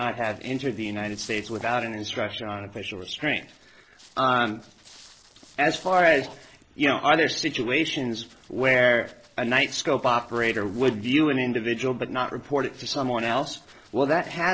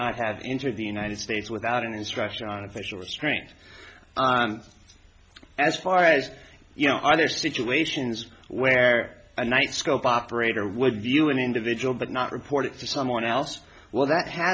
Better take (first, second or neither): second